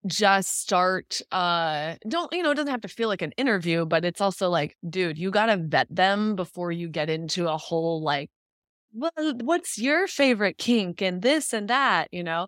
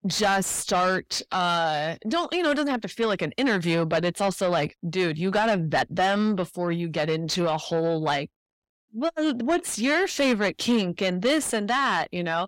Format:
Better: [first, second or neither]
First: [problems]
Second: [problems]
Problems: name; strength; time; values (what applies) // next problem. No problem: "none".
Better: first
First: none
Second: distortion; slight; 10 dB below the speech